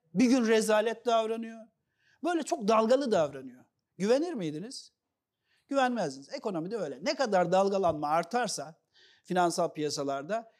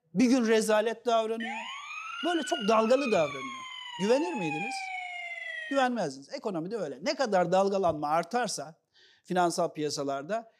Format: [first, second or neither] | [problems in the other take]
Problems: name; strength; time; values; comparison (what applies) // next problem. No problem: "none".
first | siren; noticeable; from 1.5 to 6 s; peak 5 dB below the speech